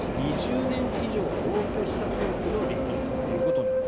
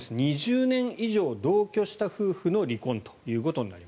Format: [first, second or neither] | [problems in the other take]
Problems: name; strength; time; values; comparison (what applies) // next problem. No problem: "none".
second | background sound (Subway, metro, underground); 4 dB above the speech